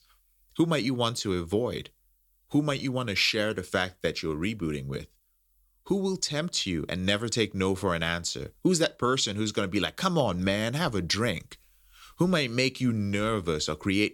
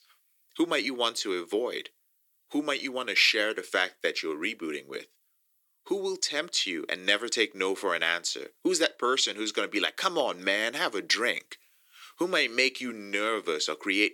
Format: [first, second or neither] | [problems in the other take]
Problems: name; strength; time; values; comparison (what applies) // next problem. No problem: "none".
first | thin; somewhat; fading below 350 Hz